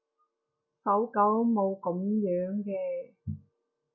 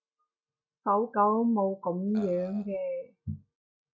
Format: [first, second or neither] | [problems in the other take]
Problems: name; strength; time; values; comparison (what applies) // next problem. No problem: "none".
first | noise reduction (neural mask model RNNoise)